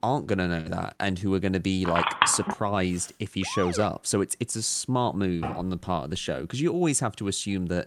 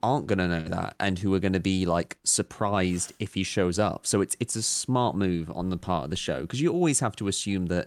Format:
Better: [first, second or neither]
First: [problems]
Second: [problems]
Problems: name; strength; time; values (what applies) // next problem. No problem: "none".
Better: second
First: phone ringing; loud; at 2 s; peak 4 dB above the speech // siren; noticeable; at 3.5 s; peak 6 dB below the speech // door banging; noticeable; at 5.5 s; peak 8 dB below the speech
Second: none